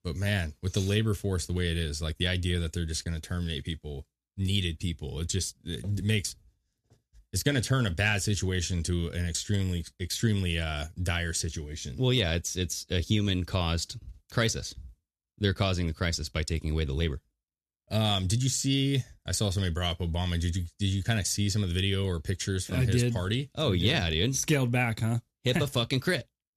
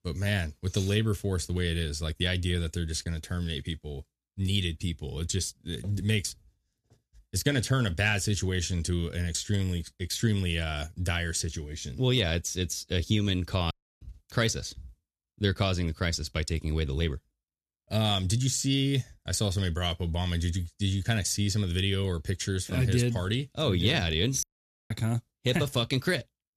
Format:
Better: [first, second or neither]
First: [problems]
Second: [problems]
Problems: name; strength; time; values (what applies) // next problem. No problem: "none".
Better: first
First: none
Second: audio cutting out; at 14 s and at 24 s